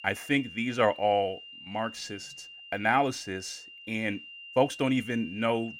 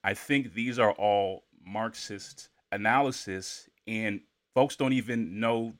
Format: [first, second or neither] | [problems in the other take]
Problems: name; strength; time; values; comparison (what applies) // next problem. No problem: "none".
second | high-pitched whine; noticeable; throughout; 3 kHz, 15 dB below the speech